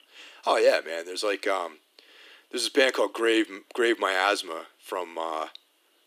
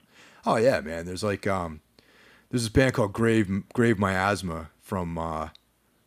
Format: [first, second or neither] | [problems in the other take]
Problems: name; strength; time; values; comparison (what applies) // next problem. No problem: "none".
second | thin; very; fading below 300 Hz